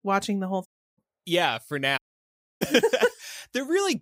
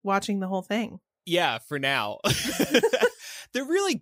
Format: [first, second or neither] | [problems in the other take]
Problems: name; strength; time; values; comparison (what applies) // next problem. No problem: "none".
second | audio cutting out; at 0.5 s and at 2 s for 0.5 s